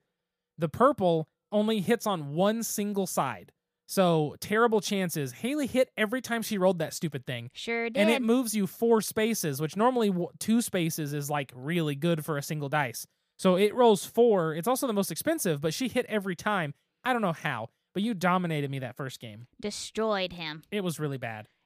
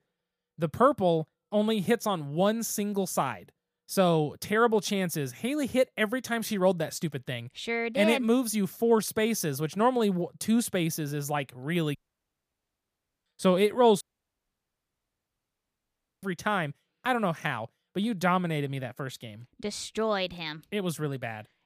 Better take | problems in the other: first | audio cutting out; at 12 s for 1.5 s and at 14 s for 2 s

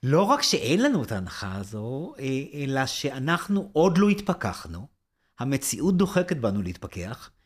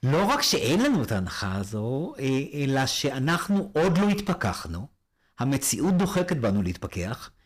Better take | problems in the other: first | distortion; heavy; 13% of the sound clipped

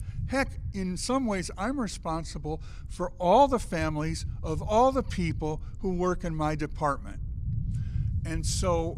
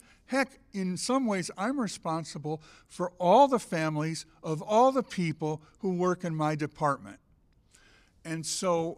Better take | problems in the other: second | low rumble; faint; throughout; 25 dB below the speech

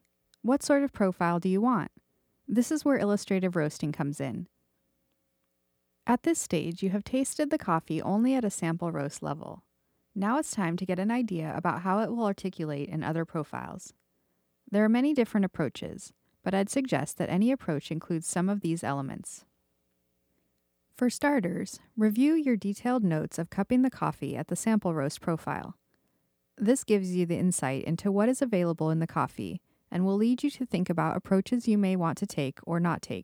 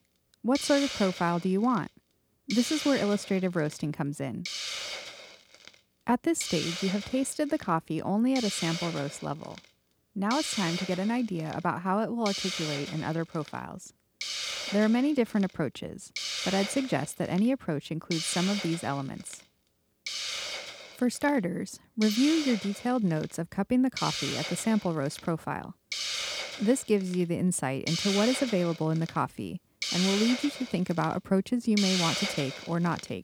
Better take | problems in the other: first | hiss; loud; throughout; 4 dB below the speech

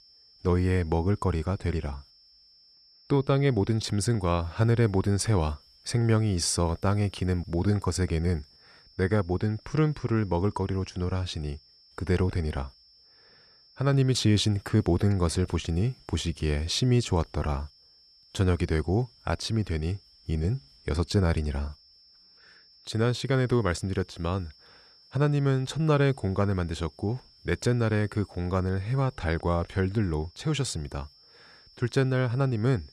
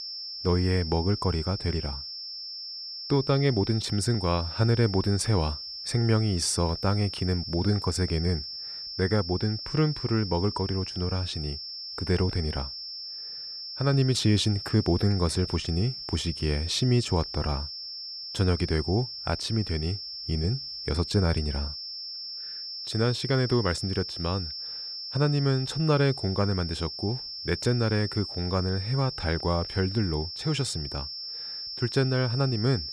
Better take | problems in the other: first | high-pitched whine; loud; throughout; 5.5 kHz, 7 dB below the speech; faint in the first

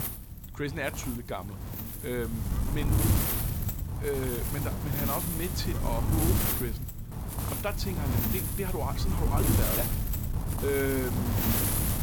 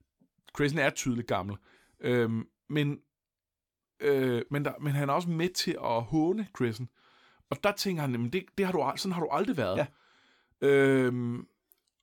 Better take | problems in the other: second | wind noise on the microphone; heavy; 1 dB below the speech

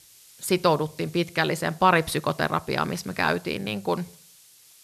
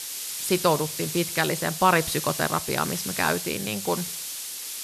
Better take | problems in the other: first | hiss; loud; throughout; 5 dB below the speech; faint in the first

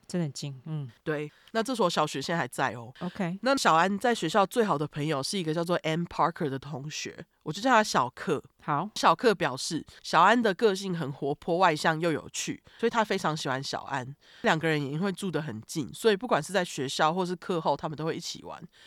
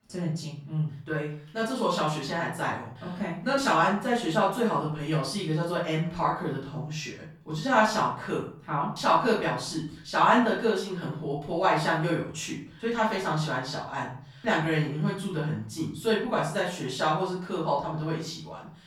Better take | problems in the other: first | off-mic speech; far // room echo; noticeable; dies away in 0.5 s

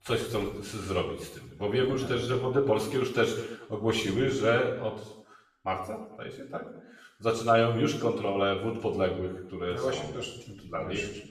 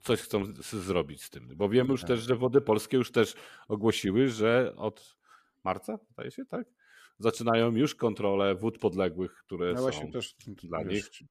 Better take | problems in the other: second | room echo; noticeable; dies away in 0.7 s // off-mic speech; far

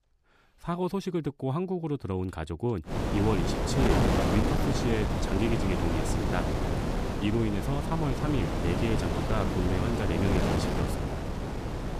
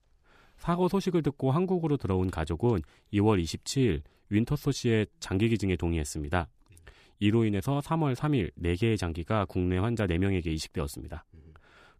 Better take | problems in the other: second | wind noise on the microphone; heavy; from 3 s on; 2 dB above the speech

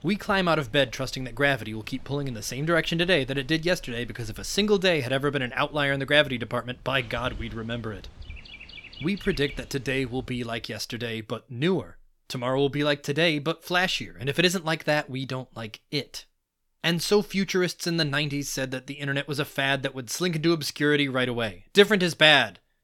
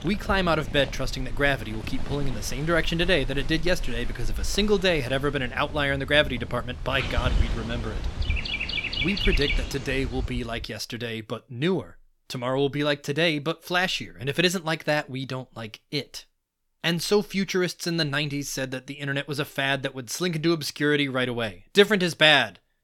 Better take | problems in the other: first | animal sounds; loud; until 10 s; 7 dB below the speech; faint in the first

